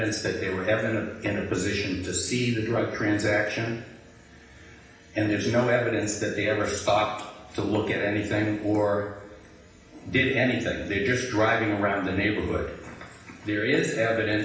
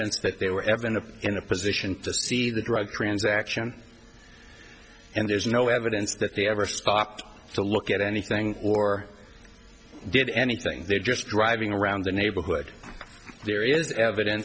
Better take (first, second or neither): second